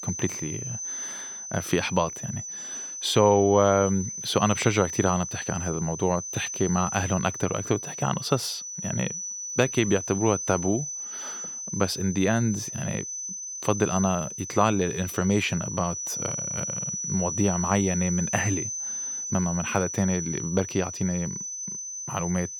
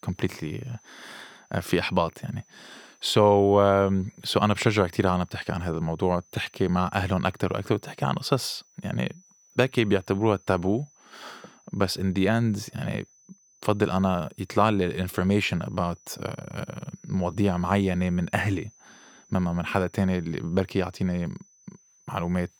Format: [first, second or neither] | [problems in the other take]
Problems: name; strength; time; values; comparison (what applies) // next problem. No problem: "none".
second | high-pitched whine; loud; throughout; 6 kHz, 5 dB below the speech; faint in the second